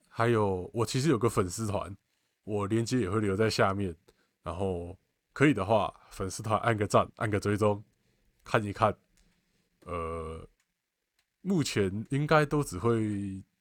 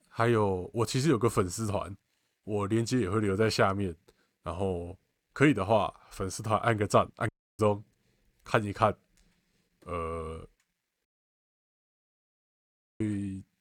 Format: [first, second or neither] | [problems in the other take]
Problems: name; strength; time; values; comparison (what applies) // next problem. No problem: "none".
first | audio cutting out; at 7.5 s and at 11 s for 2 s